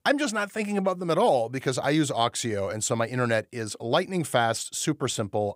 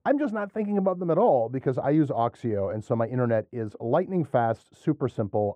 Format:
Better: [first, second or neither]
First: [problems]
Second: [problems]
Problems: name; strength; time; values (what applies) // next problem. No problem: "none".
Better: first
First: none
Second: muffled; very; fading above 2 kHz